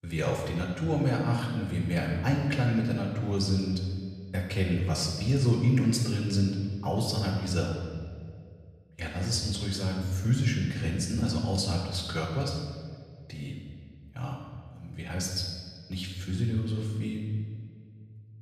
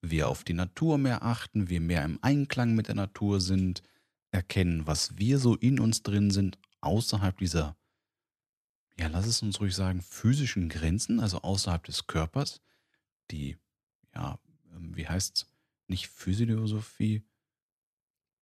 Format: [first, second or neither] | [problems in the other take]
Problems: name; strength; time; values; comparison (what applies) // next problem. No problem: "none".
second | room echo; noticeable; dies away in 1.5 s // off-mic speech; far